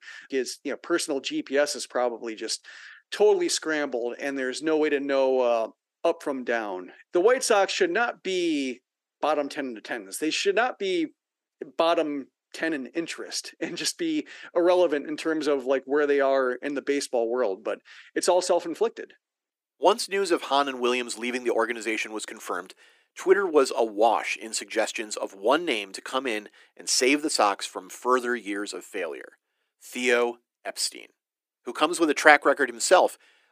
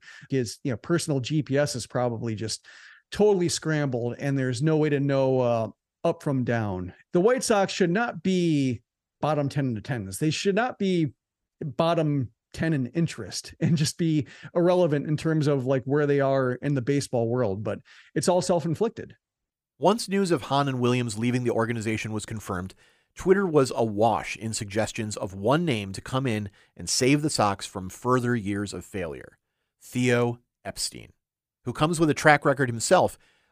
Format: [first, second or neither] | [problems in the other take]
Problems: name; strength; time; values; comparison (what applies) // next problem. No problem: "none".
second | thin; somewhat; fading below 300 Hz